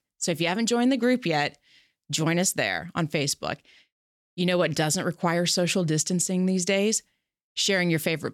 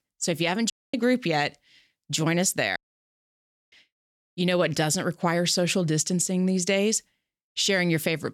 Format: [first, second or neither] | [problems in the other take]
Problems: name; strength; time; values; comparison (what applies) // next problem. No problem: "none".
first | audio cutting out; at 0.5 s and at 3 s for 1 s